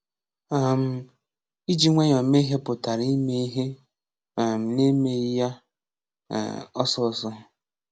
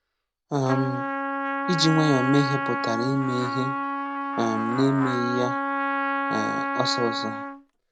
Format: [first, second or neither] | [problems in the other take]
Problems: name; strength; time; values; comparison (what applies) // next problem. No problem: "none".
first | background sound (Trumpet); 2 dB below the speech